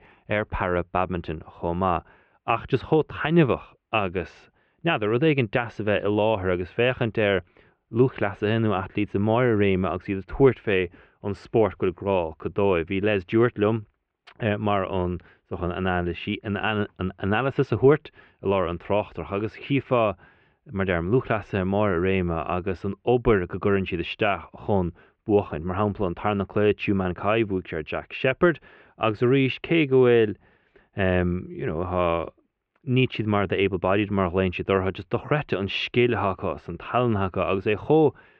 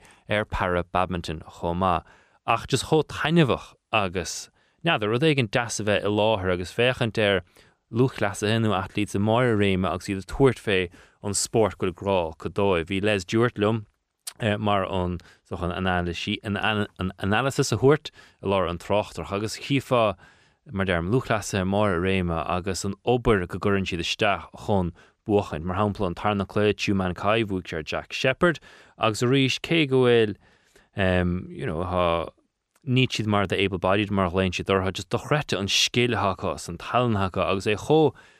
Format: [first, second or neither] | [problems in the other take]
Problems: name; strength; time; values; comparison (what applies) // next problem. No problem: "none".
second | muffled; very; fading above 2.5 kHz